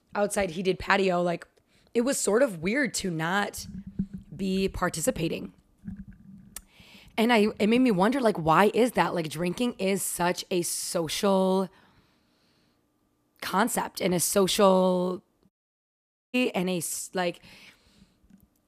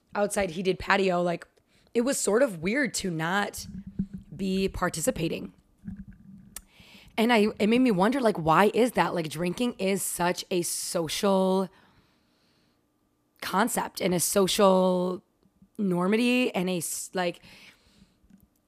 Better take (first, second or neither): second